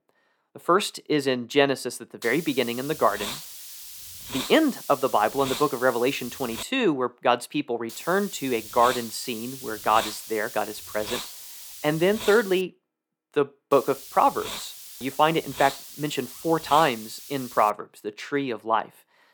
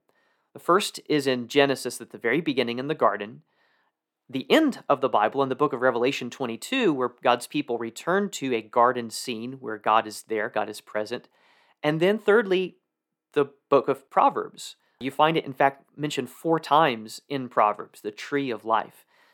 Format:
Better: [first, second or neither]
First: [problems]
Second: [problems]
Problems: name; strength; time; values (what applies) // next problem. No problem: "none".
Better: second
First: hiss; noticeable; from 2 to 6.5 s, from 8 to 13 s and from 14 to 18 s; 10 dB below the speech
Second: none